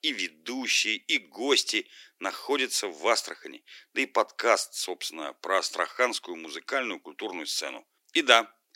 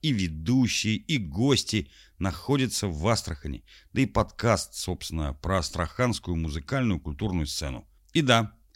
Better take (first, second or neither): second